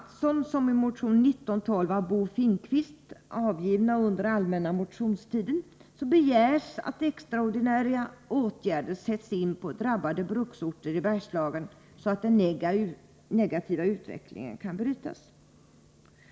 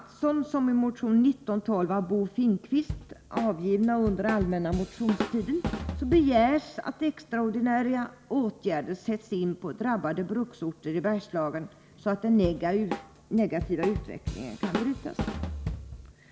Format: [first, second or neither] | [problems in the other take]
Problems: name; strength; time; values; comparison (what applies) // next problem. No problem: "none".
first | background sound (Drum / Drum kit); 7 dB below the speech